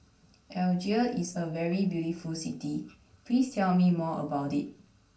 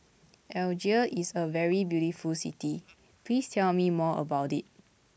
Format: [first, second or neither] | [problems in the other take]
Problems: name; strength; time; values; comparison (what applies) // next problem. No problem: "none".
second | room echo; dies away in 0.3 s